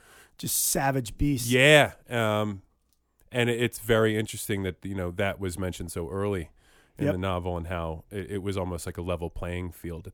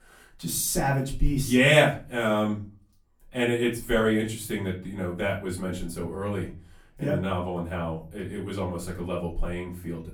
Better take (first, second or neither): first